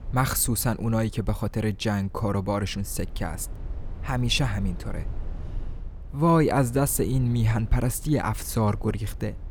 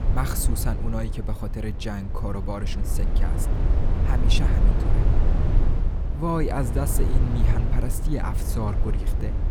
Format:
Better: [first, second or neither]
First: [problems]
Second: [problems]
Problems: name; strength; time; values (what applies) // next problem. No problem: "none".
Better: first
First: low rumble; faint; throughout; 25 dB below the speech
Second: low rumble; loud; throughout; 5 dB below the speech